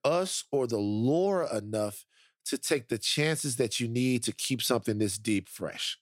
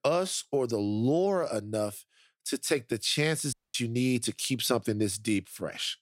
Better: first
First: none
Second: audio cutting out; at 3.5 s

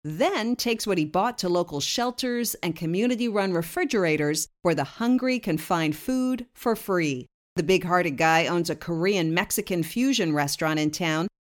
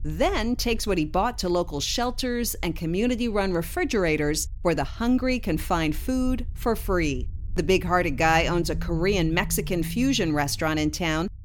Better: first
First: none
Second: low rumble; faint; throughout; 25 dB below the speech

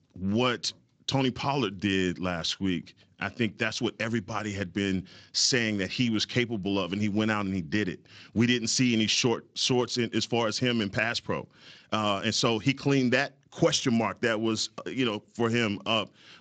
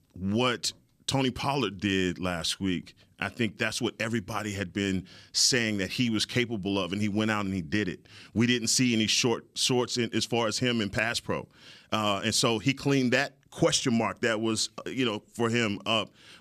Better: second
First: garbled, watery; slightly; nothing above 7.5 kHz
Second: none

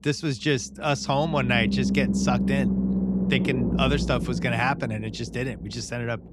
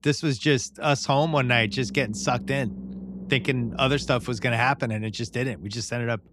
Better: second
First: low rumble; loud; throughout; 7 dB below the speech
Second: low rumble; faint; throughout; 20 dB below the speech

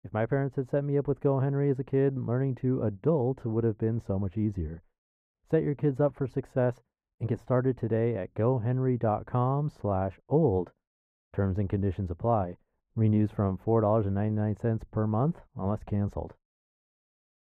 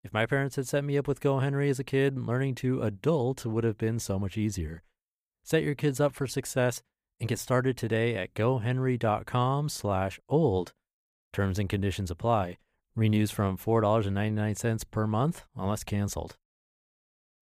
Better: second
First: muffled; very; fading above 2.5 kHz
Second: none

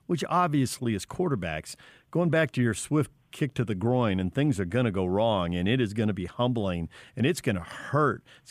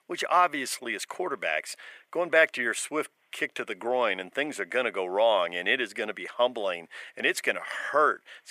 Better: first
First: none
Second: thin; very; fading below 450 Hz

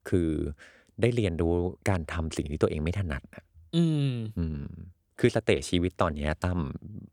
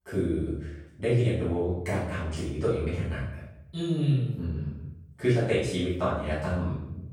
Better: first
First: none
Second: off-mic speech; far // room echo; strong; dies away in 0.7 s

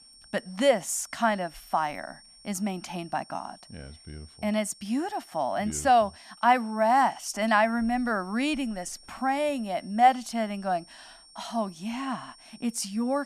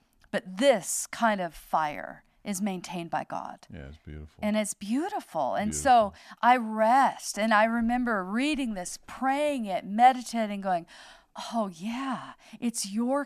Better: second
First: high-pitched whine; faint; throughout; 5.5 kHz, 25 dB below the speech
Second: none

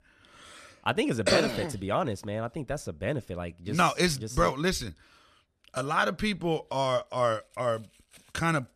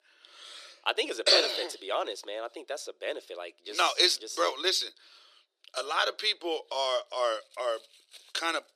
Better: first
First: none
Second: thin; very; fading below 350 Hz

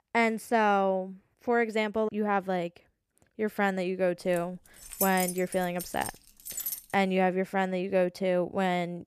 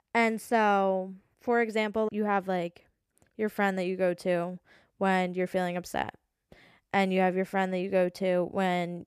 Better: second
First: jangling keys; noticeable; from 4.5 to 7 s; peak 2 dB below the speech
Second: none

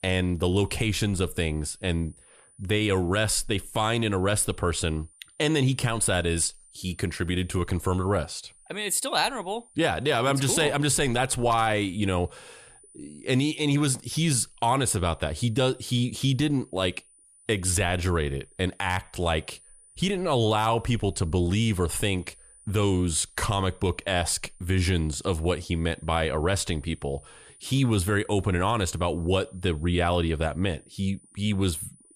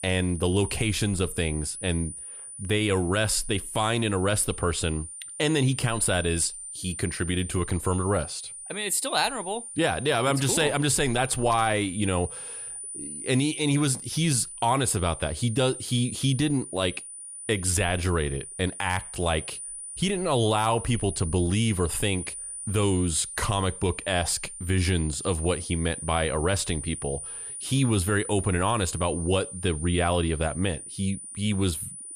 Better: first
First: high-pitched whine; faint; throughout; 9.5 kHz, 25 dB below the speech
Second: high-pitched whine; loud; throughout; 9.5 kHz, 10 dB below the speech

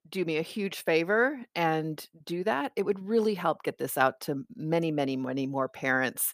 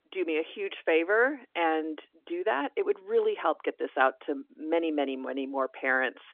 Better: first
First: none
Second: phone-call audio

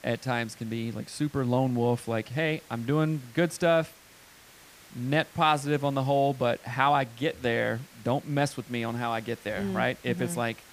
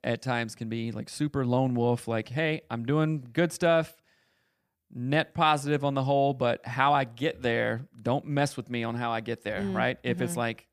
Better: second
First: hiss; faint; throughout; 25 dB below the speech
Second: none

